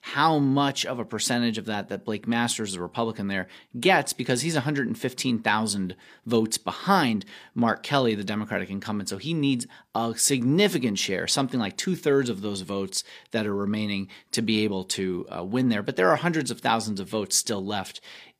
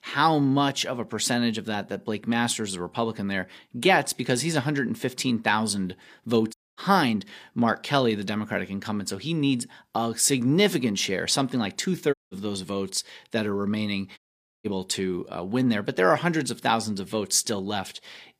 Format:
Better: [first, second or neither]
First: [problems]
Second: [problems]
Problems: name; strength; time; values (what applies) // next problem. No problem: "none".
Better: first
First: none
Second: audio cutting out; at 6.5 s, at 12 s and at 14 s